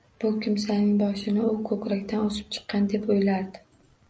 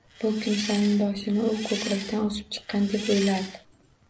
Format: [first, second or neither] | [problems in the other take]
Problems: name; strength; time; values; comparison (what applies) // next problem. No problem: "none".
first | background sound (Engine); 11 dB below the speech